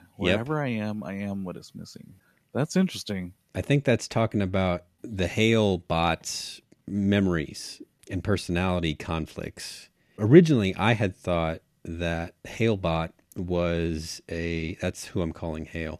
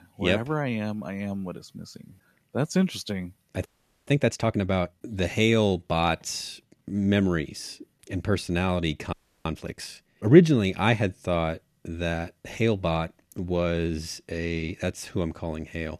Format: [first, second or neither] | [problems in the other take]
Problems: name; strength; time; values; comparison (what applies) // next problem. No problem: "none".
first | audio freezing; at 3.5 s and at 9 s